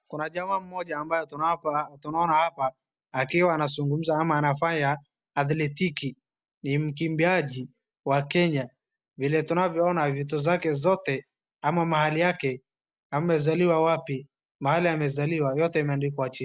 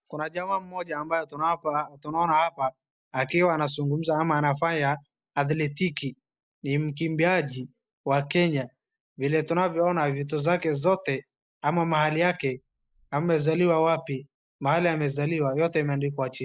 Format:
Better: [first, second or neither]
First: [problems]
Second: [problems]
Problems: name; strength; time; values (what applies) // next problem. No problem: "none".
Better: first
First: none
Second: noise reduction (neural mask model Resemble Enhance denoiser)